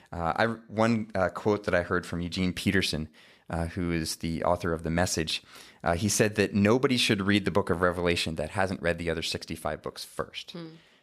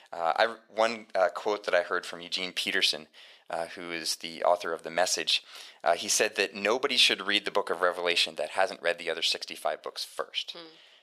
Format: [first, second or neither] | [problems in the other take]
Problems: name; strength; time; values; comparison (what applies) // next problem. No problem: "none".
first | thin; very; fading below 550 Hz